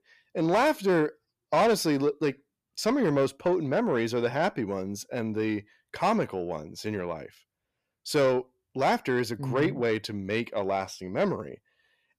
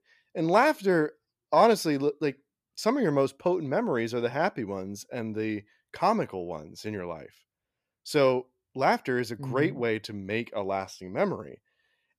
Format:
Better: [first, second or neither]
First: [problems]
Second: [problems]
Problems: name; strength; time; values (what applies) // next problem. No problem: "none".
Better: second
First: distortion; slight; 10 dB below the speech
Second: none